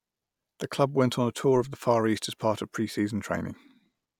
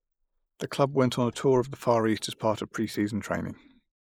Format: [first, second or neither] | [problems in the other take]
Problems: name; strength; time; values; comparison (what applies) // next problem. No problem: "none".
first | noise reduction (neural mask model Resemble Enhance denoiser)